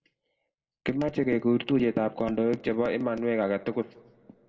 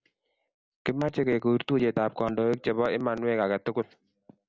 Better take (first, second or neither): second